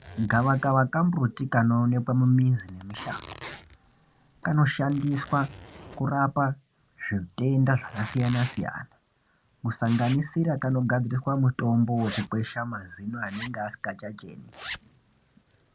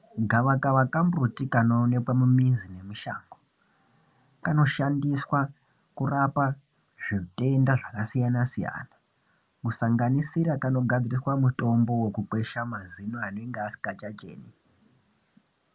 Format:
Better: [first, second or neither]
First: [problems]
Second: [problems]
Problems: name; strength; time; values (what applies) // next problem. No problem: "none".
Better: second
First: background sound (Zipper (clothing)); 20 dB below the speech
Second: none